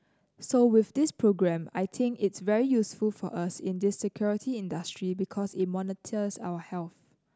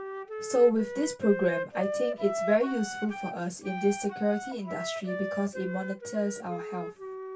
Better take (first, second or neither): first